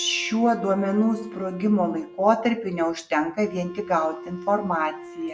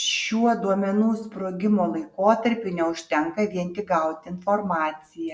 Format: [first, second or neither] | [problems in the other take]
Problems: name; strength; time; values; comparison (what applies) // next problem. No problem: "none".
second | background sound (Wind instrument, woodwind instrument); 16 dB below the speech